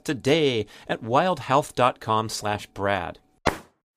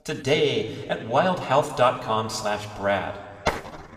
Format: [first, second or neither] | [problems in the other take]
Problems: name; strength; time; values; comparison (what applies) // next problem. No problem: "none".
first | room echo; slight; dies away in 1.6 s